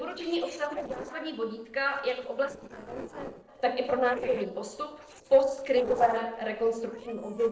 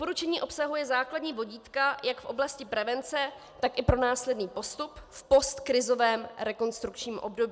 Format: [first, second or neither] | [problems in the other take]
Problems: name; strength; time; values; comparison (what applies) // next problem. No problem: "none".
second | noise reduction (neural separator model SepFormer DNS4)